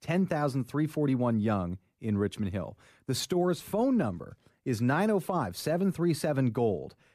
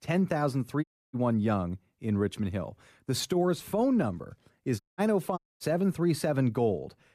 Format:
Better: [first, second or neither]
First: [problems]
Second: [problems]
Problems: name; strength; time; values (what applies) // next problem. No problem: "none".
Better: first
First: none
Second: audio cutting out; at 1 s, at 5 s and at 5.5 s